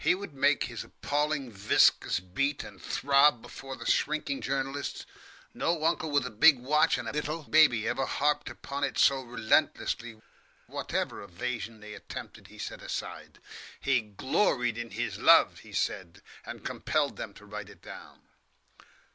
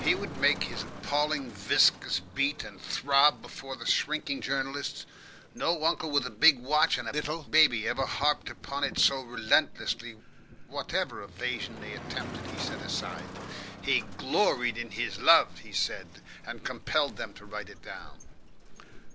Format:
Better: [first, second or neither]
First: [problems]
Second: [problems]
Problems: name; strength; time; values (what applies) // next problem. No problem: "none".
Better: first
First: none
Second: background sound (Thunder / Wind / Bird vocalization, bird call, bird song + Motor vehicle (road)); 13 dB below the speech